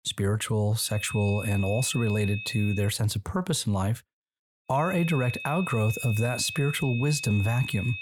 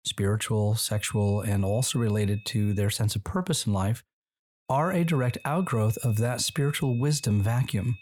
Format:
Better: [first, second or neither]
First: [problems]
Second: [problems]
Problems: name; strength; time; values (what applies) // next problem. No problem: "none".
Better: second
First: high-pitched whine; loud; from 1 to 3 s and from 5 s on; 2.5 kHz, 9 dB below the speech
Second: high-pitched whine; faint; from 1 to 3 s and from 5 s on; 2.5 kHz, 25 dB below the speech